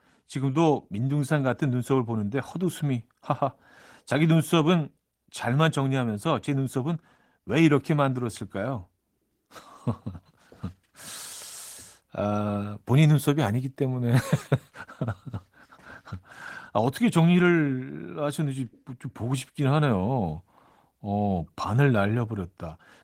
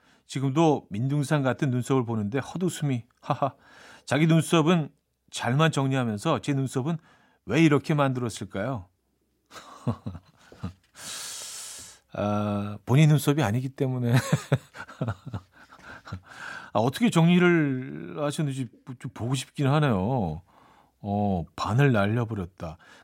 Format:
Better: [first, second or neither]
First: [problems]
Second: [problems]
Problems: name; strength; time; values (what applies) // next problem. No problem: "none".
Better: second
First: garbled, watery; slightly; nothing above 16 kHz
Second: none